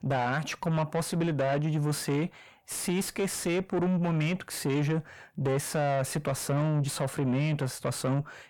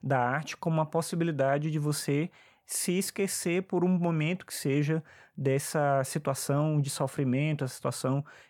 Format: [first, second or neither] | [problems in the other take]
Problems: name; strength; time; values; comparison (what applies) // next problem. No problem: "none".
second | distortion; slight; 10 dB below the speech